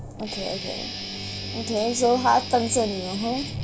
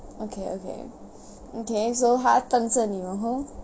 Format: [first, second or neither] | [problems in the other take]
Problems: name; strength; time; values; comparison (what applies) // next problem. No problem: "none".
second | background sound (Guitar); 8 dB below the speech